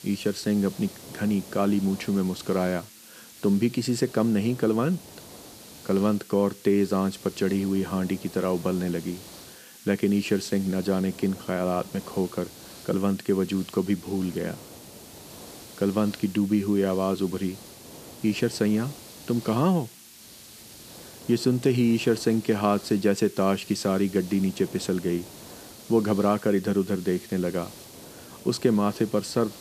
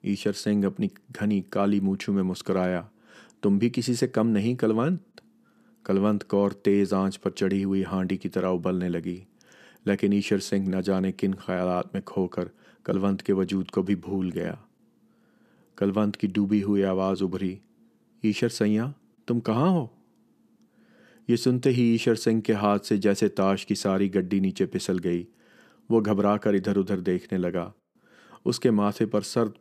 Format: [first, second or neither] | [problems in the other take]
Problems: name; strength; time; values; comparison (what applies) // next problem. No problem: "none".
second | hiss; noticeable; throughout; 20 dB below the speech